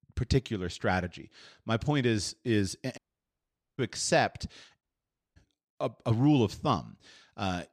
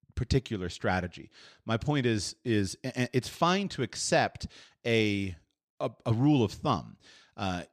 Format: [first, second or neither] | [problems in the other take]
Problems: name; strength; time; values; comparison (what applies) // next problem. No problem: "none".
second | audio cutting out; at 3 s for 1 s and at 5 s for 0.5 s